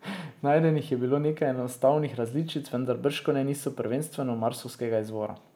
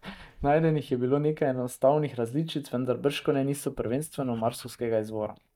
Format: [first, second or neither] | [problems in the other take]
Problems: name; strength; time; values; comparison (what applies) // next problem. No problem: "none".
first | noise reduction (neural mask model DeepFilterNet 3)